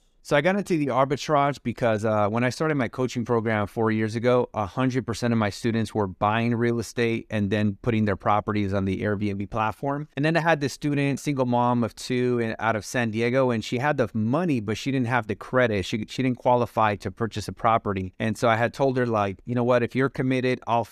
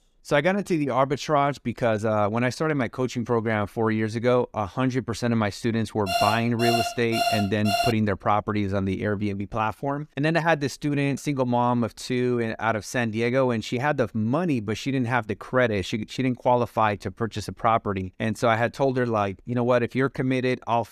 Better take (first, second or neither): first